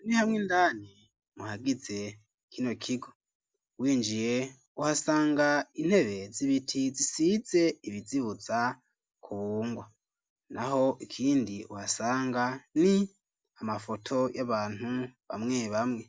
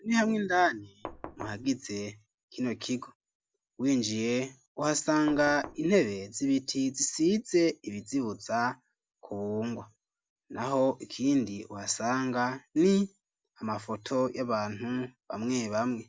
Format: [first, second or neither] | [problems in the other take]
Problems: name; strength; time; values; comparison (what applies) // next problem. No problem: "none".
first | background sound (Knock); 14 dB below the speech